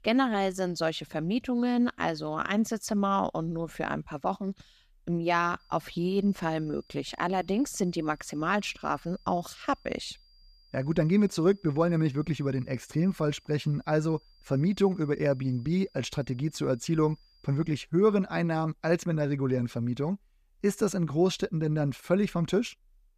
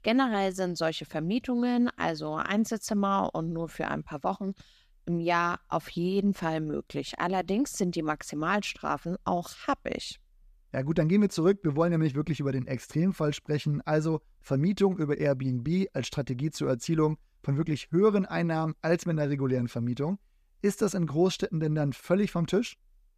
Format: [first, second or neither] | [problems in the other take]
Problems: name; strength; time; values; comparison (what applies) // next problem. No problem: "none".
second | high-pitched whine; faint; from 5.5 to 18 s; 5 kHz, 30 dB below the speech